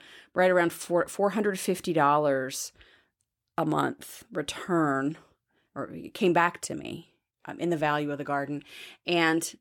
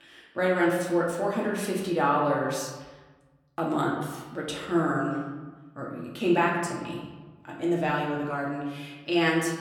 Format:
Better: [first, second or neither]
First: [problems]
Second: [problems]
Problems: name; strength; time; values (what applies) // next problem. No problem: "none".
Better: first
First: none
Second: room echo; noticeable; dies away in 1.2 s // off-mic speech; far